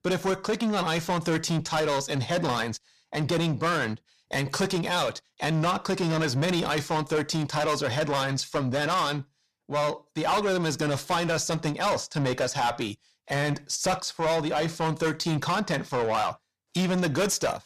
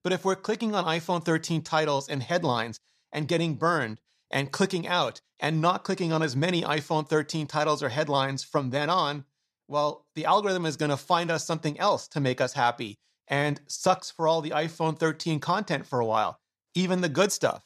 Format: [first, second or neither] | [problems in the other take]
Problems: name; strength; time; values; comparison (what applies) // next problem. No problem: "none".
second | distortion; heavy; 6 dB below the speech